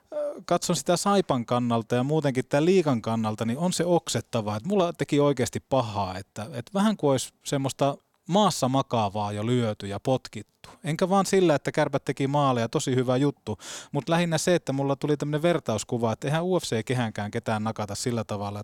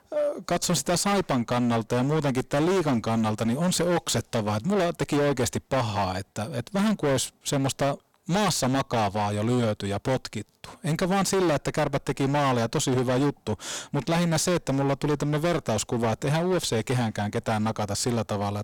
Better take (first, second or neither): first